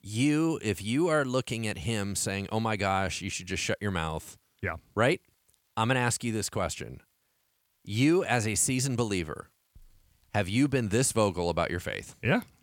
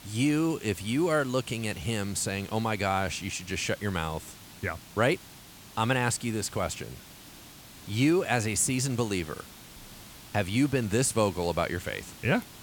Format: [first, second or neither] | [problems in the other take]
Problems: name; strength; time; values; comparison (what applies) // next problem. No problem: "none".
first | hiss; noticeable; throughout; 20 dB below the speech